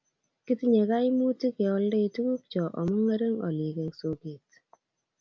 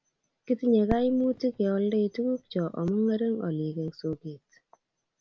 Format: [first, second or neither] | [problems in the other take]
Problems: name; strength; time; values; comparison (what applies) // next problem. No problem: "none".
first | background sound (Fireworks); 19 dB below the speech